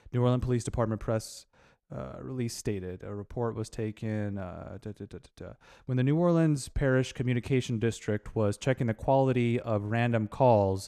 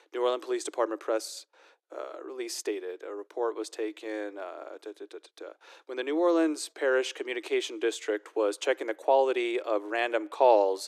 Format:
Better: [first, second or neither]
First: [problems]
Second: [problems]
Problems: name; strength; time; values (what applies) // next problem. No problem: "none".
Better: first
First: none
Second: thin; very; fading below 300 Hz